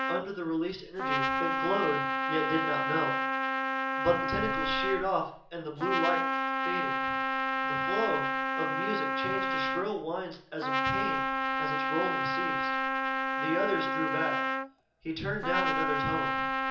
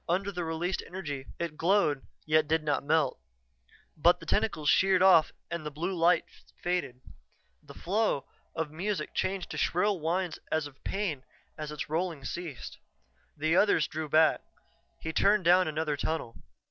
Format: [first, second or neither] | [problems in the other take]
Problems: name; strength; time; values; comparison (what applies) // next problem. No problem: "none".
second | background sound (Trumpet); 4 dB above the speech // room echo; dies away in 0.7 s